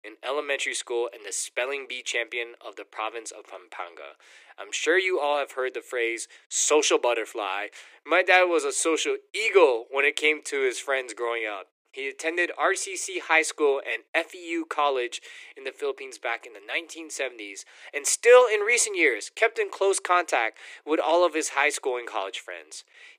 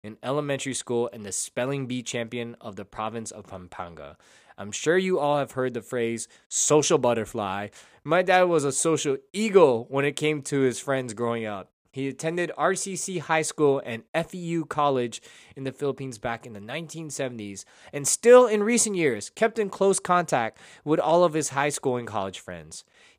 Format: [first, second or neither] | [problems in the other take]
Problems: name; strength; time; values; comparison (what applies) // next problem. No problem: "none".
second | thin; very; fading below 300 Hz